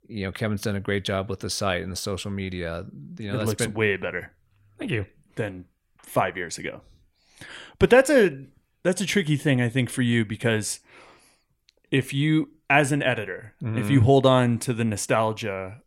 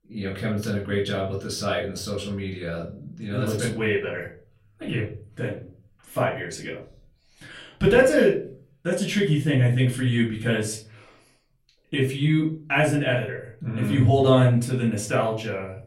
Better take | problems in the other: first | room echo; slight; dies away in 0.3 s // off-mic speech; far

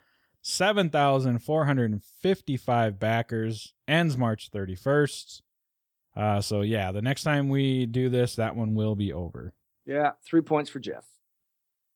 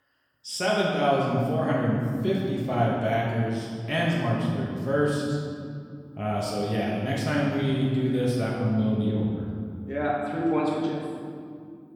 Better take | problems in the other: first | room echo; noticeable; dies away in 2.2 s // off-mic speech; far

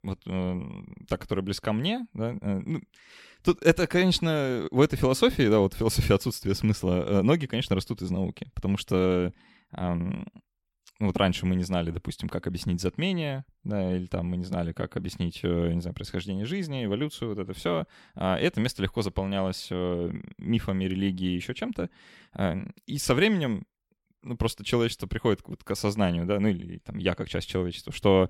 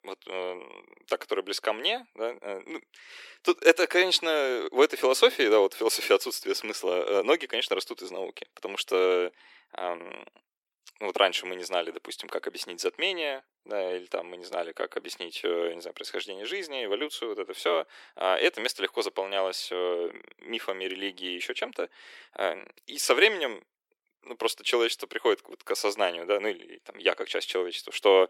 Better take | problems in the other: first | thin; very; fading below 350 Hz

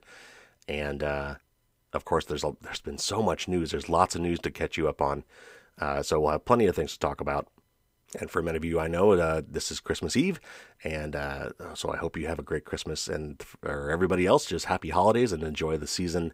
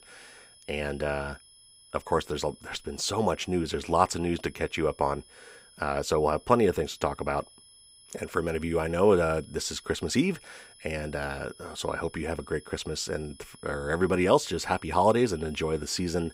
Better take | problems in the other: first | high-pitched whine; faint; throughout; 10.5 kHz, 25 dB below the speech

